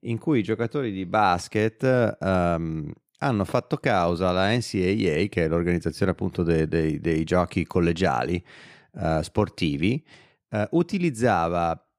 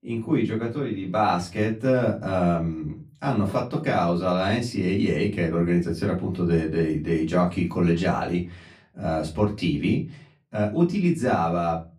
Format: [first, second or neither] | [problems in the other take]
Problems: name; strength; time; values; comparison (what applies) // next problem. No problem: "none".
first | off-mic speech; far // room echo; very slight; dies away in 0.3 s